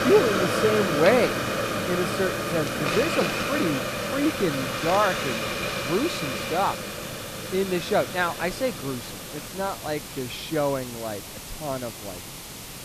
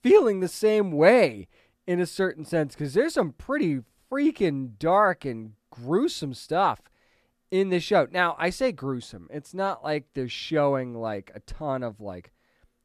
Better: second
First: hiss; loud; throughout; 2 dB below the speech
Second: none

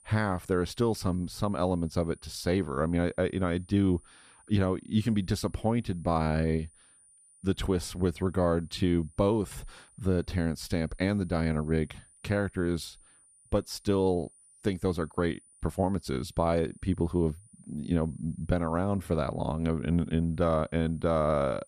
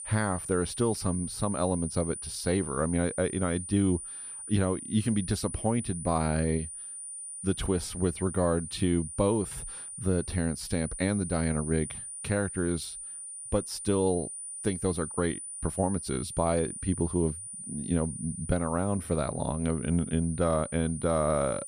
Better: first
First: high-pitched whine; faint; throughout; 9.5 kHz, 30 dB below the speech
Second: high-pitched whine; loud; throughout; 9.5 kHz, 8 dB below the speech

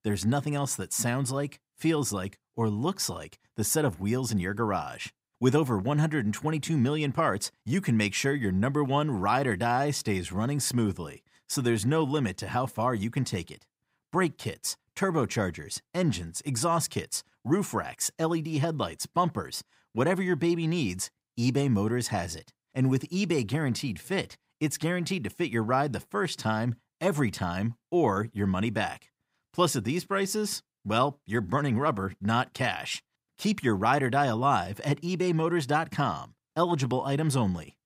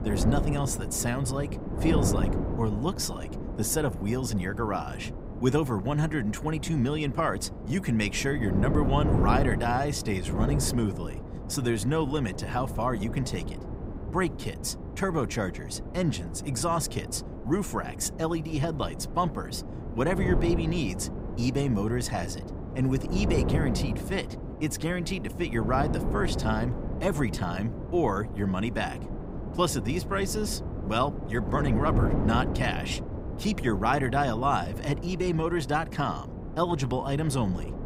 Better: first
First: none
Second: wind noise on the microphone; heavy; 9 dB below the speech

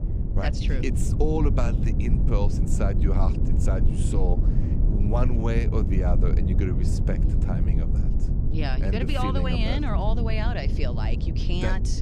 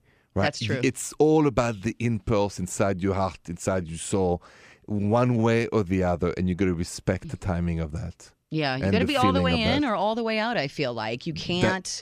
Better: second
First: low rumble; loud; throughout; 5 dB below the speech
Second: none

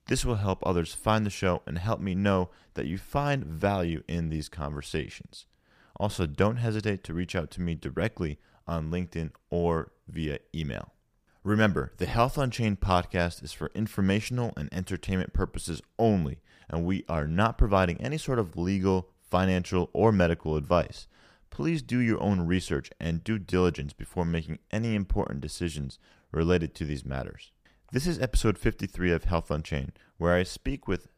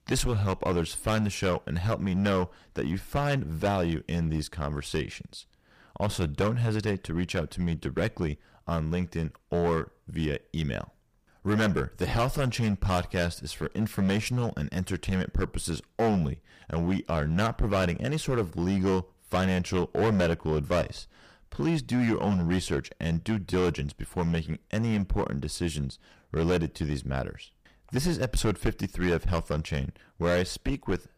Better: first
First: none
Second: distortion; heavy; 8% of the sound clipped

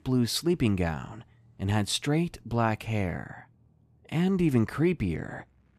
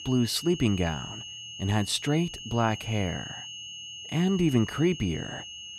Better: first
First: none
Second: high-pitched whine; noticeable; throughout; 3 kHz, 10 dB below the speech

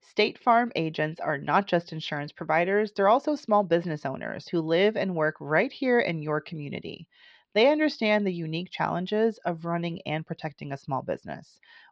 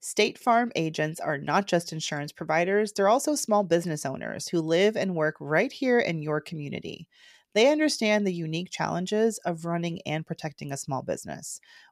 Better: second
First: muffled; slightly; fading above 4.5 kHz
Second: none

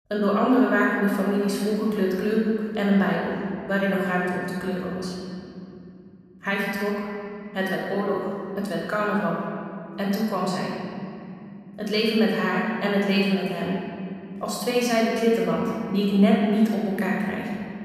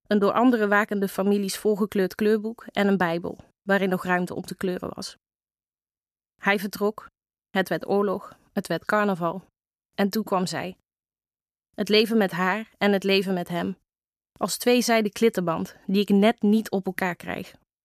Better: second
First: room echo; strong; dies away in 3 s // off-mic speech; far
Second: none

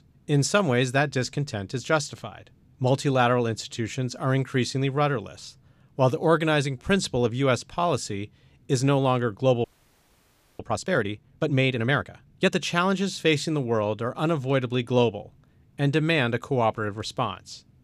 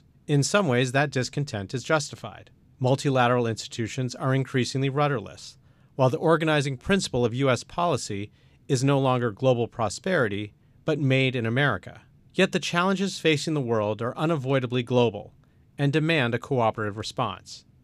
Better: second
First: audio freezing; at 9.5 s for 1 s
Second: none

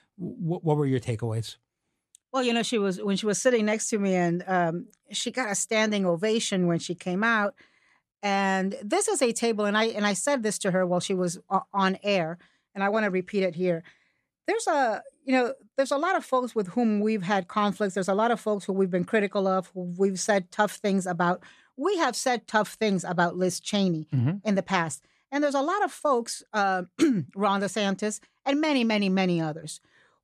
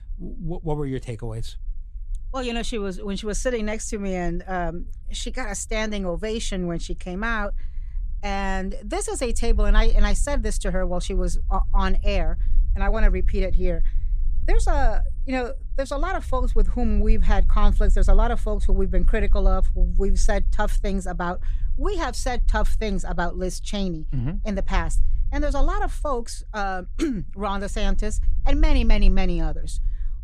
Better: first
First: none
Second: low rumble; faint; throughout; 25 dB below the speech

